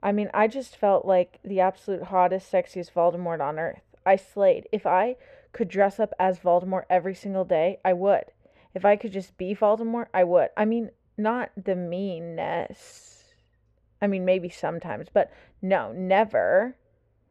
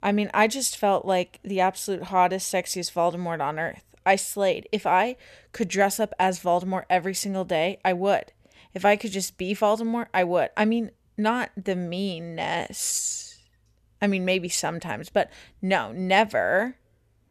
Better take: second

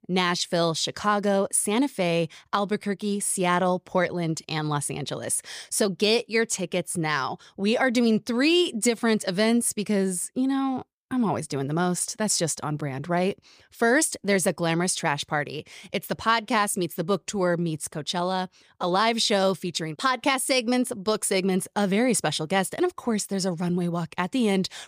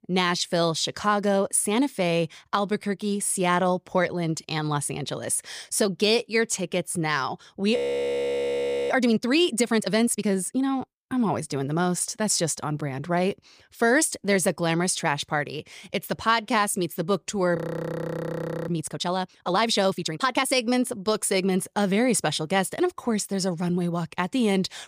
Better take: first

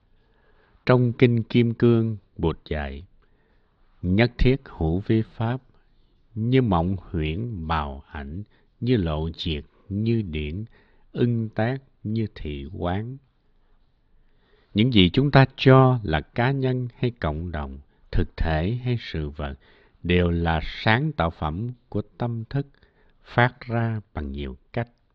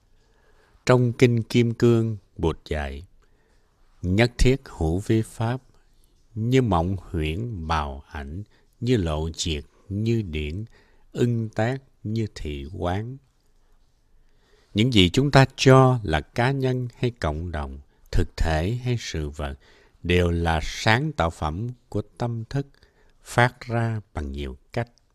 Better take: second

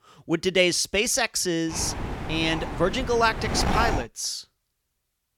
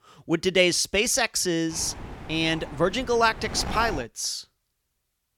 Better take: second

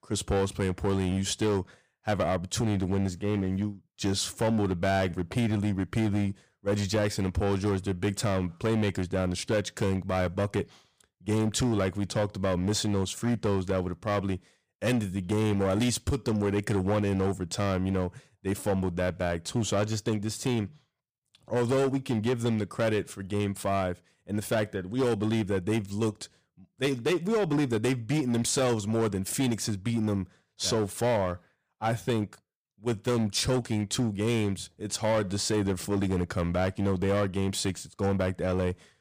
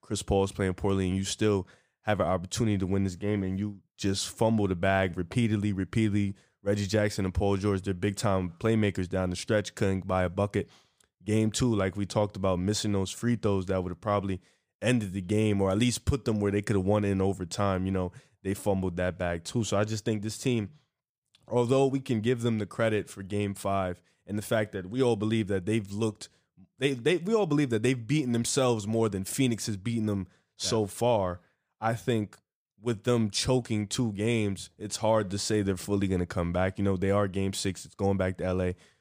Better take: second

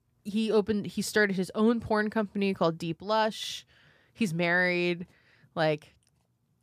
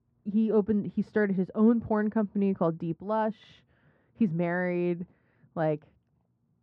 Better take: first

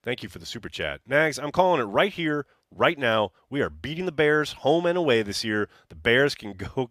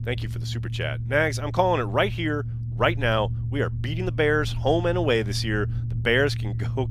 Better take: first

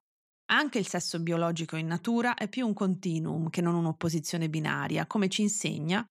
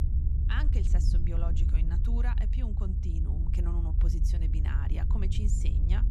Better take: first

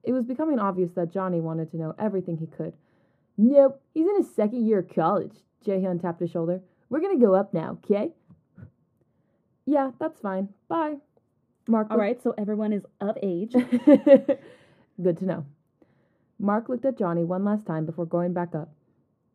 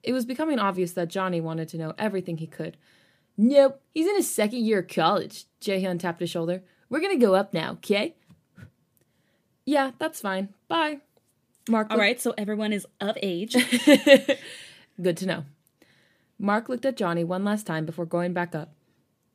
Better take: second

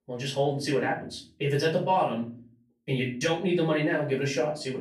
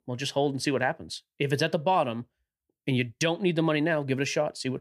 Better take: second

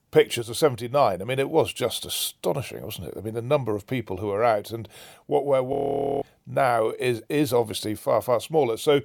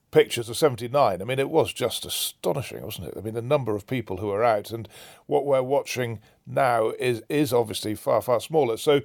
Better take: second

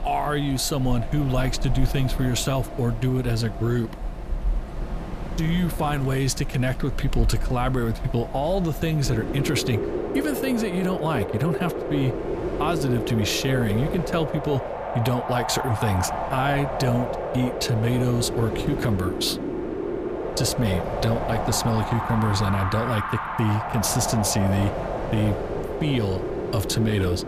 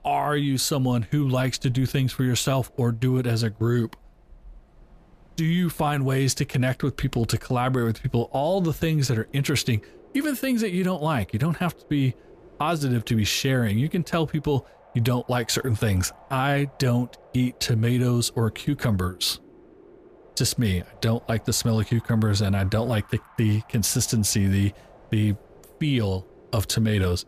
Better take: second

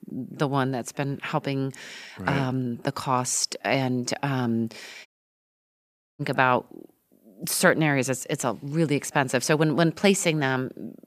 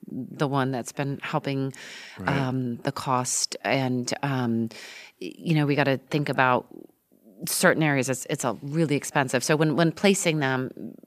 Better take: second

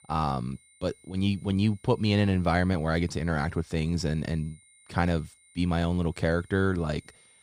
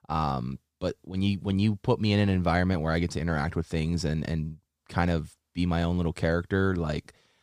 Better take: second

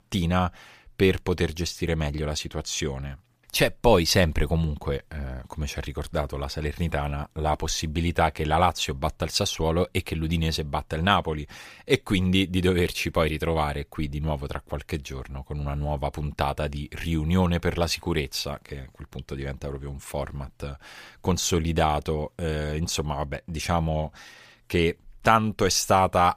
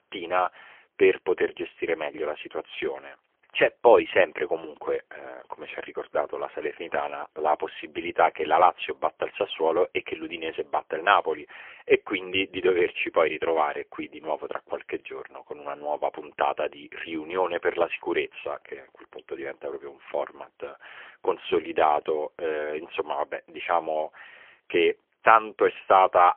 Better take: first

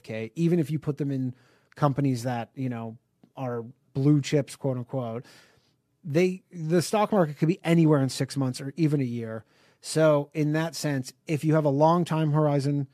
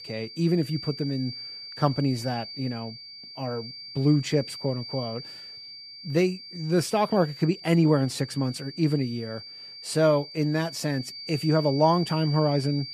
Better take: first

